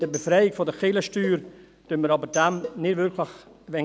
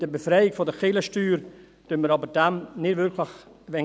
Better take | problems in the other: second | background sound (Tambourine + Cowbell); 16 dB below the speech

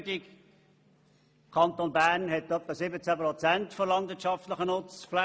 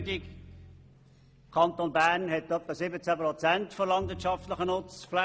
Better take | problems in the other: first | background sound (Bowed string instrument); 18 dB below the speech

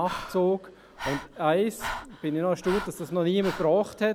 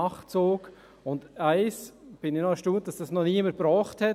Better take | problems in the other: second | background sound (Breathing); 12 dB below the speech

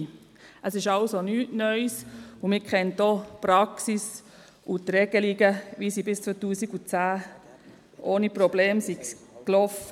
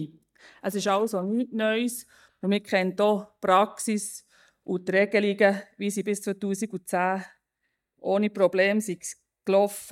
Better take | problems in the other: first | noise reduction (neural mask model DeepFilterNet 3)

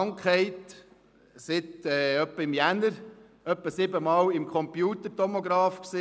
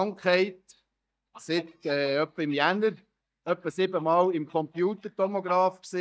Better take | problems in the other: first | noise reduction (neural mask model DeepFilterNet 3)

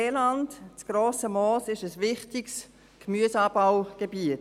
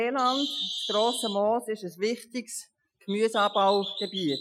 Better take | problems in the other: first | noise reduction (classical method Wiener filter)

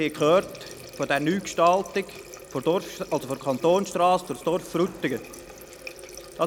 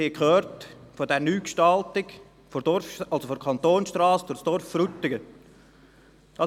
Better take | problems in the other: second | background sound (Water tap, faucet); 17 dB below the speech

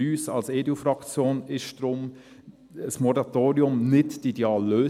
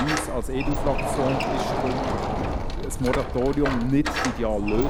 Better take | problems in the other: first | background sound (Door); as loud as the speech

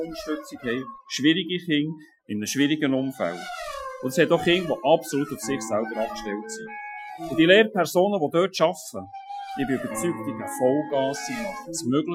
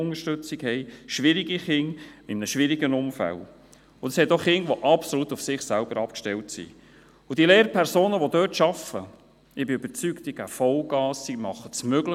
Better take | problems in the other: second | noise reduction (classical method Wiener filter)

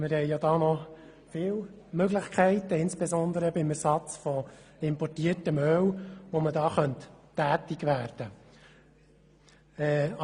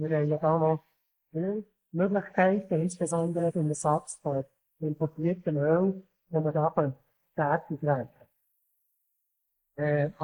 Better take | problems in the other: first | noise reduction (neural mask model Resemble Enhance denoiser)

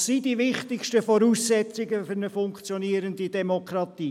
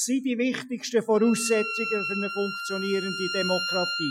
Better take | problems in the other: first | noise reduction (classical method Wiener filter)

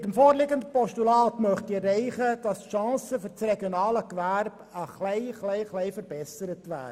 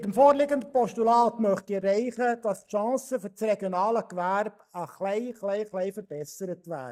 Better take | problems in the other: first | noise reduction (neural mask model DeepFilterNet 3)

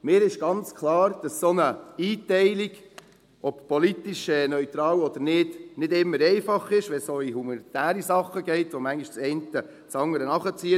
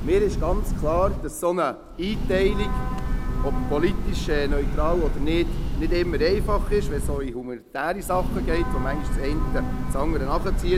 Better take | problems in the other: first | background sound (Train / Breathing); 1 dB above the speech

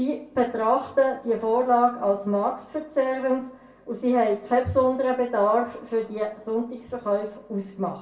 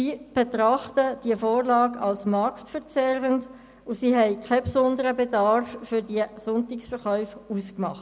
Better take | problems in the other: second | room echo; dies away in 0.3 s

